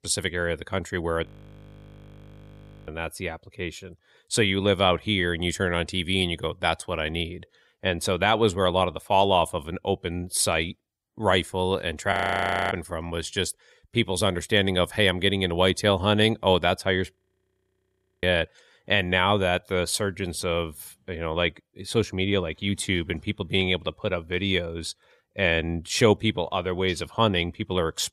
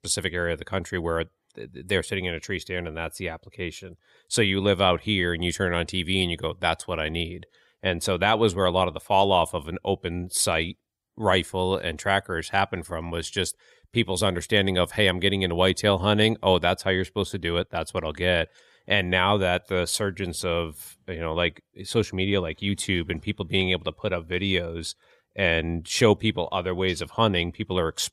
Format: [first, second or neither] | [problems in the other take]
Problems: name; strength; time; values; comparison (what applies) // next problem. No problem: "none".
second | audio freezing; at 1.5 s for 1.5 s, at 12 s for 0.5 s and at 17 s for 1 s